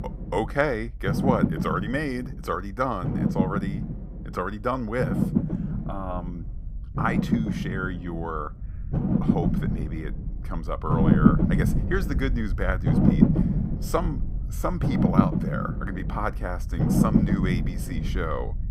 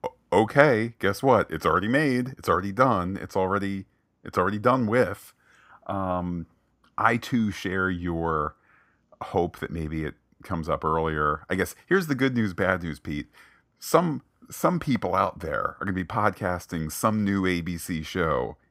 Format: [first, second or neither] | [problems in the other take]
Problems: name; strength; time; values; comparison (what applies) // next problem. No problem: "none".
second | low rumble; loud; throughout; 2 dB below the speech